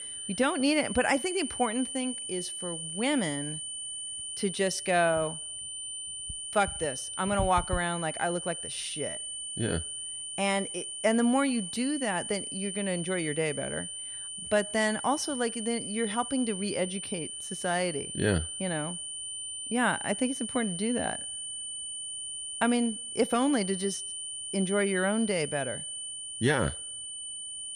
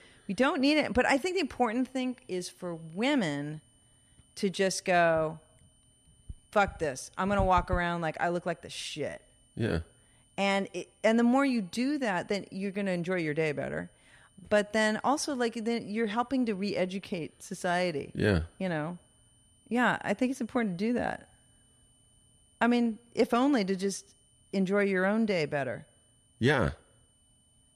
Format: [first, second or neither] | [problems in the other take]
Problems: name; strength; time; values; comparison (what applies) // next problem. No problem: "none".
second | high-pitched whine; loud; throughout; 9 kHz, 5 dB below the speech; faint in the second